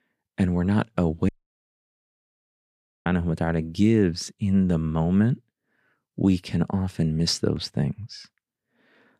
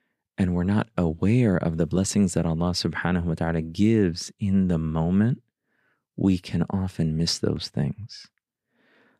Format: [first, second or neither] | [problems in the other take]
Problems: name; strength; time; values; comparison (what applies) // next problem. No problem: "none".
second | audio cutting out; at 1.5 s for 2 s